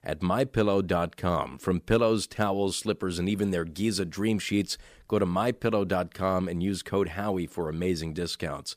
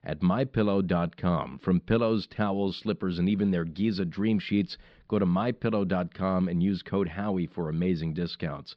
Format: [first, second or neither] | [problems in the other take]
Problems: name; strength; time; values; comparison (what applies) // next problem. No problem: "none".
first | muffled; very slightly; fading above 4.5 kHz